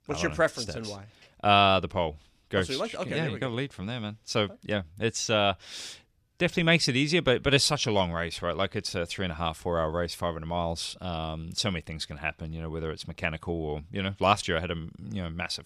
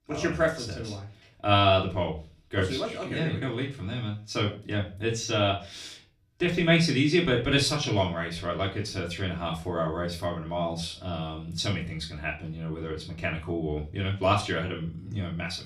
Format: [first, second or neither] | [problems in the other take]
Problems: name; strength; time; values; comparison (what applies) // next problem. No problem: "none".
first | off-mic speech; far // room echo; very slight; dies away in 0.3 s